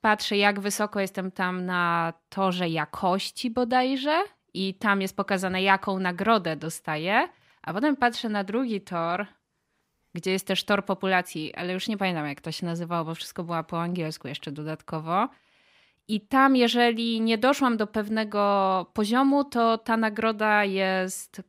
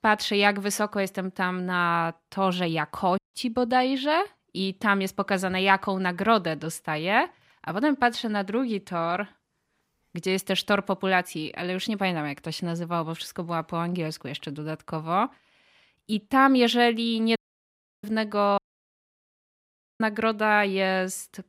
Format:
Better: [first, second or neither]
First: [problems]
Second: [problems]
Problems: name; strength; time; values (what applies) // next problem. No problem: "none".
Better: first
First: none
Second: audio cutting out; at 3 s, at 17 s for 0.5 s and at 19 s for 1.5 s